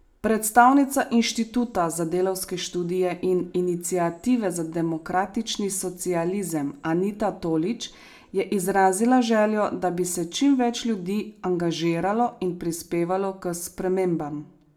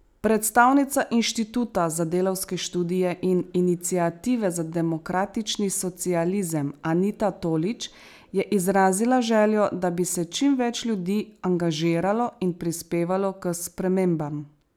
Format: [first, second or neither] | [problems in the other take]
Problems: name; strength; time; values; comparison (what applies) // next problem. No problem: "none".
second | room echo; dies away in 0.3 s